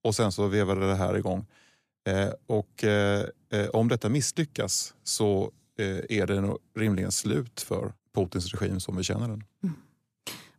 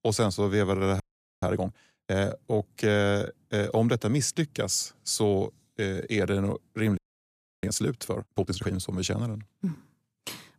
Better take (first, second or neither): first